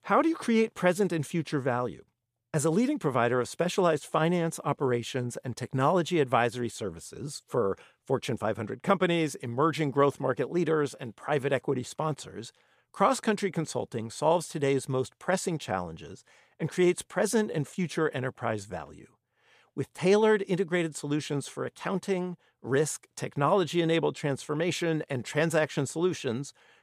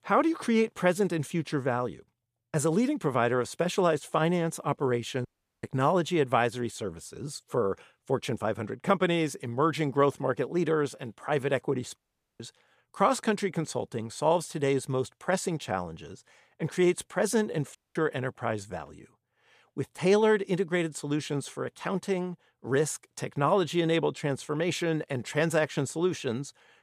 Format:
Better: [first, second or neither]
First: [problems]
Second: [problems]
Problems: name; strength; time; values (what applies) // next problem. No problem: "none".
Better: first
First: none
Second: audio cutting out; at 5.5 s, at 12 s and at 18 s